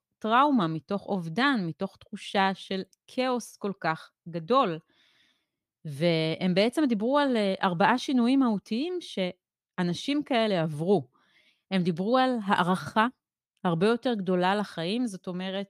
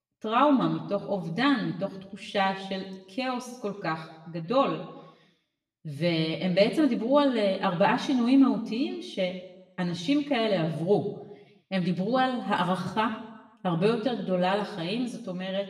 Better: first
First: none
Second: room echo; slight; dies away in 0.8 s // off-mic speech; somewhat distant

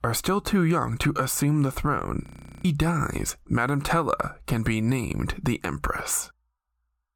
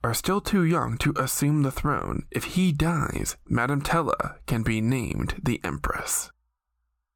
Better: second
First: audio freezing; at 2 s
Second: none

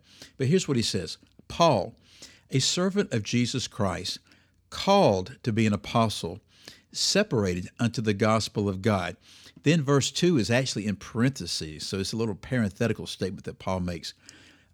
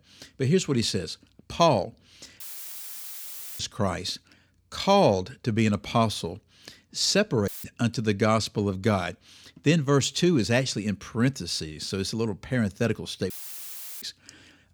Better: first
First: none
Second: audio cutting out; filled with static; at 2.5 s for 1 s, at 7.5 s and at 13 s for 0.5 s

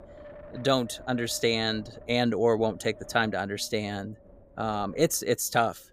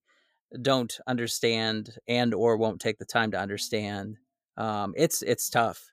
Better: second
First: wind noise on the microphone; occasional gusts; 20 dB below the speech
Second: none

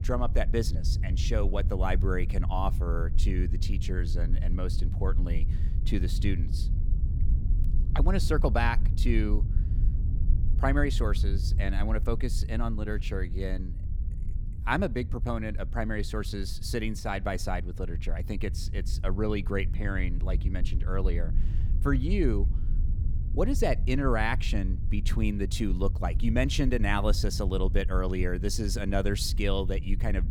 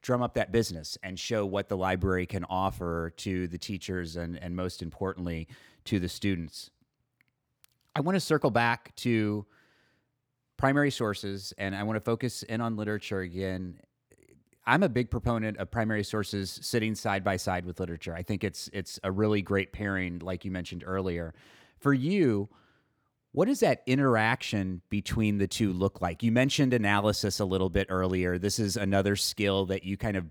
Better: second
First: low rumble; noticeable; throughout; 15 dB below the speech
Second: none

